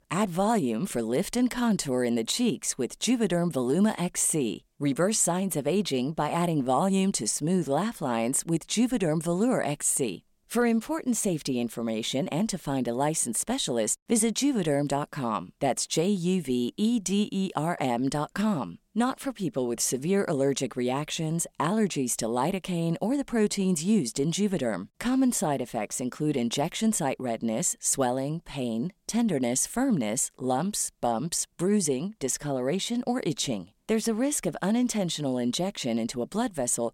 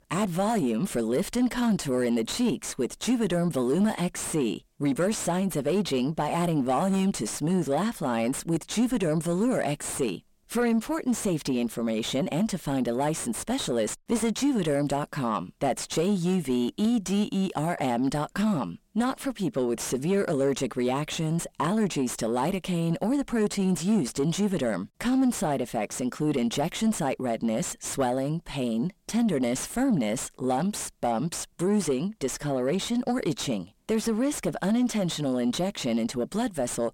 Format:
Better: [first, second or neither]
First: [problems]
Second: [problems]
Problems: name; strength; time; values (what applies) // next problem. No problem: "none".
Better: first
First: none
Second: distortion; slight; 9 dB below the speech